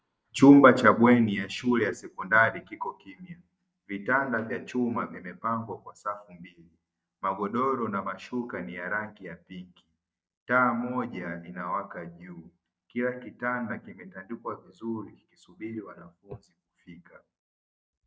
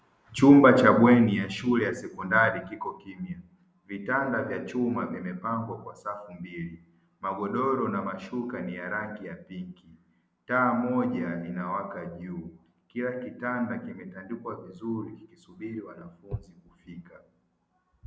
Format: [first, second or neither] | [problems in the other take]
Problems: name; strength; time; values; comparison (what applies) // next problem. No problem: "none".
second | noise reduction (neural mask model DeepFilterNet 3)